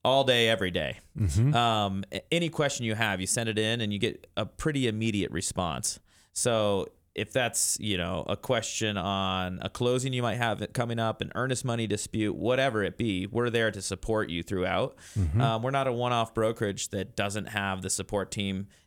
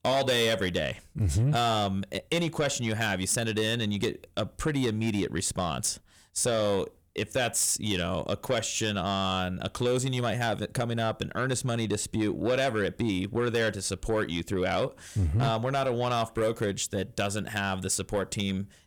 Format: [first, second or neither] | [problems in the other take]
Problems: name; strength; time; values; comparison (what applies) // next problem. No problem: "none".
first | distortion; slight; 10 dB below the speech